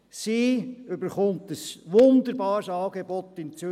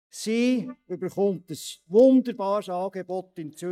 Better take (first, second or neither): first